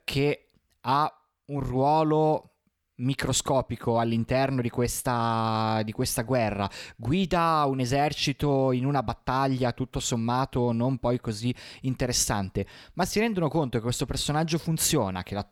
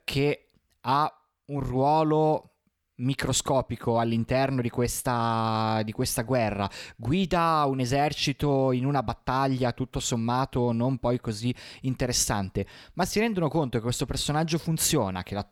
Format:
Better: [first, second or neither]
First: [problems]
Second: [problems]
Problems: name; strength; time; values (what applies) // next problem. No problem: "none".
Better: neither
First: none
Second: none